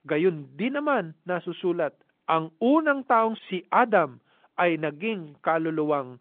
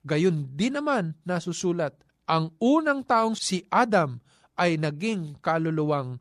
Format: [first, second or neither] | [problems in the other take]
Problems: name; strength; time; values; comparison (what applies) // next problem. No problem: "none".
second | phone-call audio